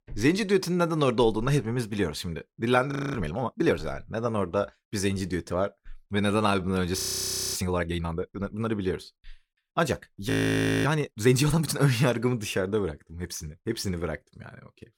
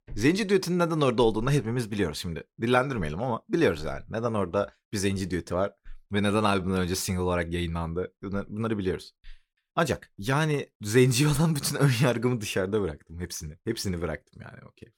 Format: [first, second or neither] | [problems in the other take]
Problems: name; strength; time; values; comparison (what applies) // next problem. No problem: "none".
second | audio freezing; at 3 s, at 7 s for 0.5 s and at 10 s for 0.5 s